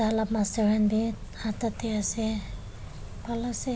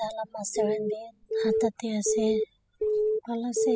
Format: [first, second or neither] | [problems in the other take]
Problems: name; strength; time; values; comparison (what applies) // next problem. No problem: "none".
first | noise reduction (classical method spectral subtraction)